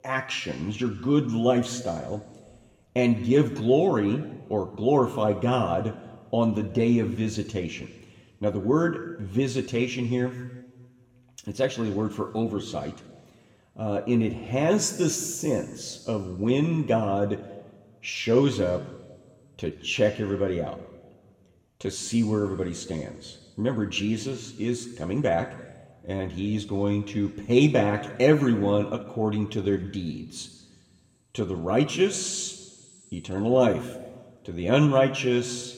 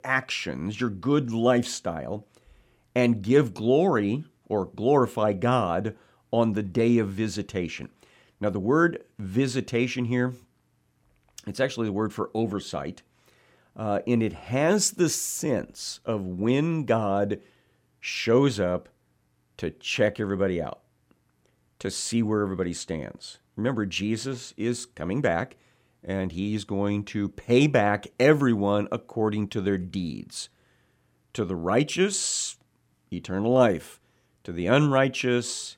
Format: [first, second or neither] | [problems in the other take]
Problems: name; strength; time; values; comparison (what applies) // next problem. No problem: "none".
second | room echo; slight; dies away in 1.1 s